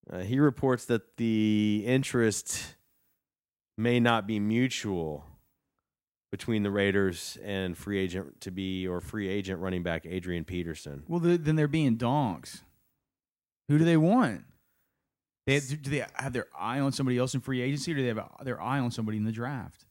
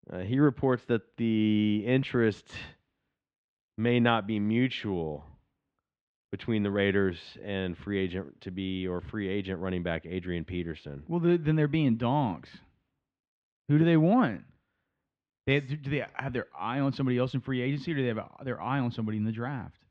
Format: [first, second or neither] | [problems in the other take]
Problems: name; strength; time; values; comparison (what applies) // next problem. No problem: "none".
first | muffled; slightly; fading above 3.5 kHz